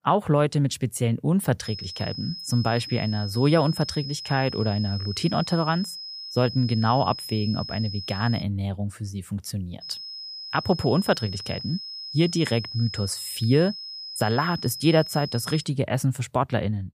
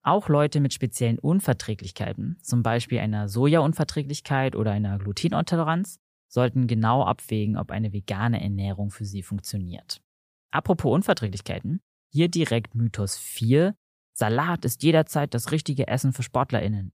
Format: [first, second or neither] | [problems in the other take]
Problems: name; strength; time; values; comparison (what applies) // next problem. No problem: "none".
second | high-pitched whine; loud; from 1.5 to 8.5 s and from 10 to 16 s; 5 kHz, 9 dB below the speech